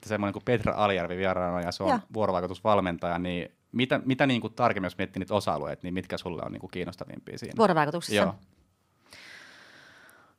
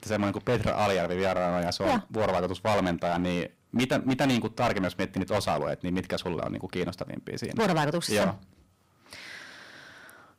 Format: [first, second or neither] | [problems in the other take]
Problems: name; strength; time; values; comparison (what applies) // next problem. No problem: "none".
first | distortion; heavy; 10% of the sound clipped